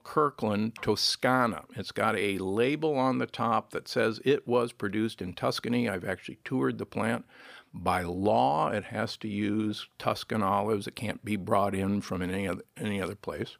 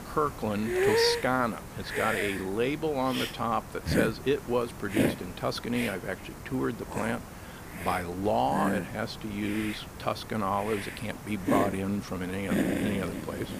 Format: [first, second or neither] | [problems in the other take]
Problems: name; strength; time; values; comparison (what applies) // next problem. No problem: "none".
first | hiss; loud; throughout; 2 dB below the speech